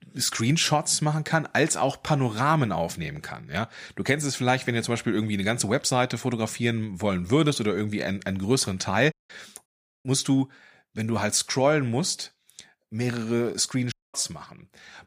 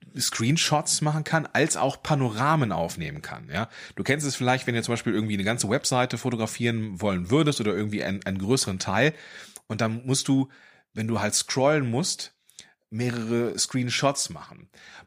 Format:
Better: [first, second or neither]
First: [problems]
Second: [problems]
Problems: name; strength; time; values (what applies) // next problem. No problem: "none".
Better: second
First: audio cutting out; at 9 s, at 9.5 s and at 14 s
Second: none